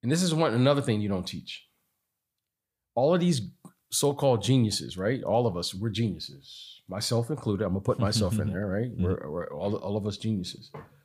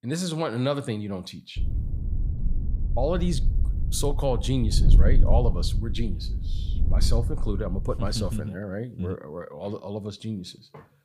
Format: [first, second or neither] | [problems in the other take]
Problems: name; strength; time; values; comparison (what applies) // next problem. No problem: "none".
first | wind noise on the microphone; occasional gusts; from 1.5 to 8.5 s; 10 dB below the speech